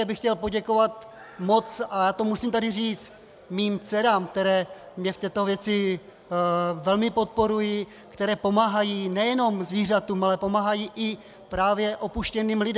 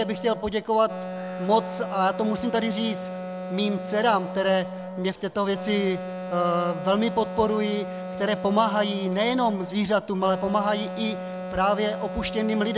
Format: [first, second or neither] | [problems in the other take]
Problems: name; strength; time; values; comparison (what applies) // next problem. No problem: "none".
first | background sound (Wind instrument, woodwind instrument); 8 dB below the speech